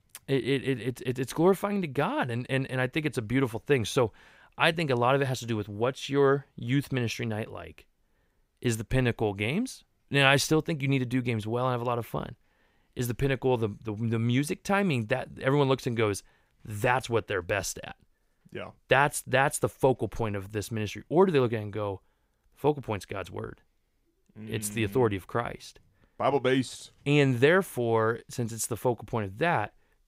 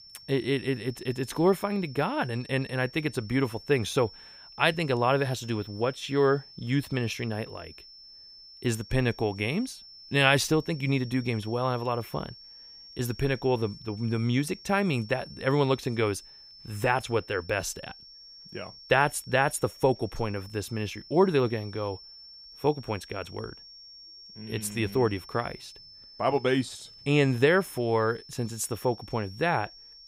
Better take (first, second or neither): first